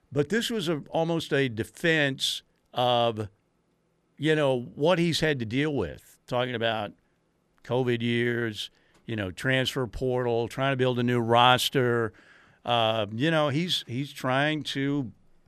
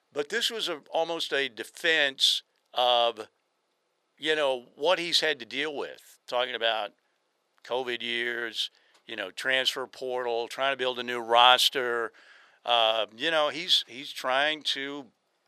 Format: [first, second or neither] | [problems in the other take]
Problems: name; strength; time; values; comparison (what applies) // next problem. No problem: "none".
first | thin; very; fading below 600 Hz